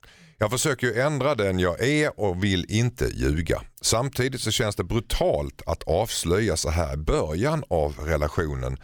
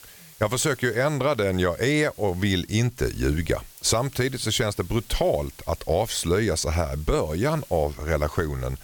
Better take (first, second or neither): first